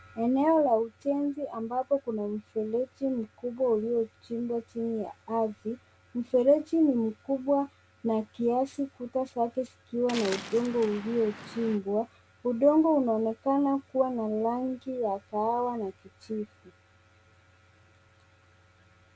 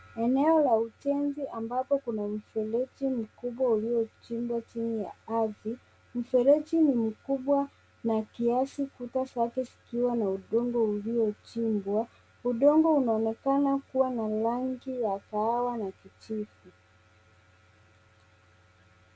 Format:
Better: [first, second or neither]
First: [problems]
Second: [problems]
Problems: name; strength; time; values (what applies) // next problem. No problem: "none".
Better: second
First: background sound (Waves, surf); 14 dB below the speech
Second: none